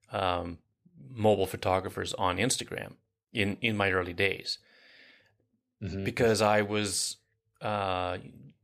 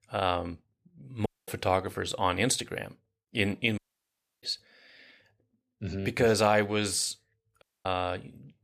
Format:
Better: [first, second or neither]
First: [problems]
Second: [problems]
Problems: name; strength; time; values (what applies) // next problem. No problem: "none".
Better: first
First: none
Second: audio cutting out; at 1.5 s, at 4 s for 0.5 s and at 7.5 s